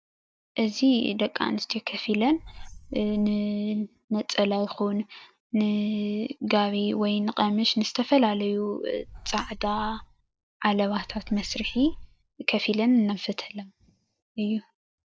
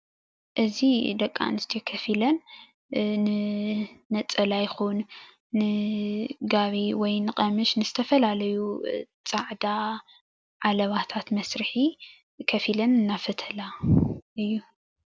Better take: second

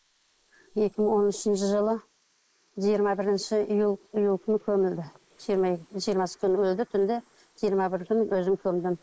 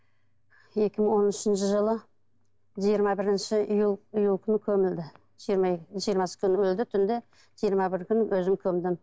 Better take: second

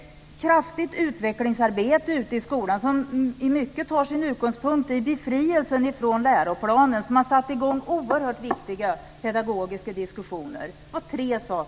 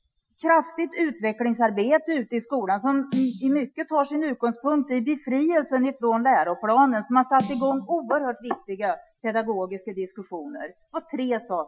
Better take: first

